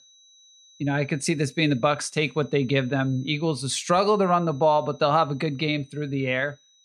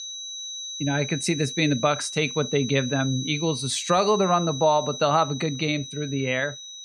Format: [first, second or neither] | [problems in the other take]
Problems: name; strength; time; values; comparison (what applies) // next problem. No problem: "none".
first | high-pitched whine; loud; throughout; 4 kHz, 8 dB below the speech; faint in the first